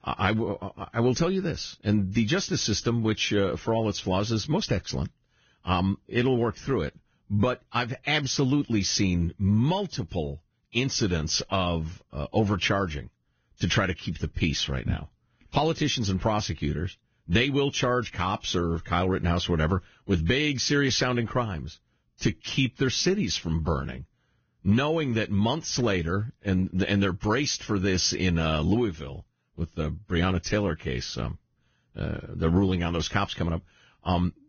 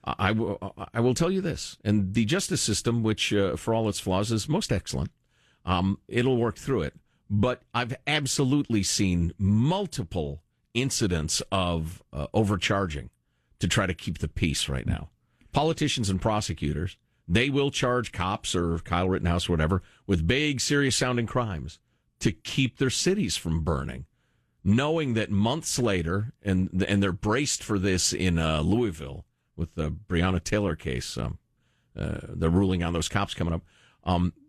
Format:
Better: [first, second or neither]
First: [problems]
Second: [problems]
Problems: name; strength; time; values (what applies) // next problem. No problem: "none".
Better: second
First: garbled, watery; badly; nothing above 6.5 kHz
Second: garbled, watery; slightly; nothing above 12.5 kHz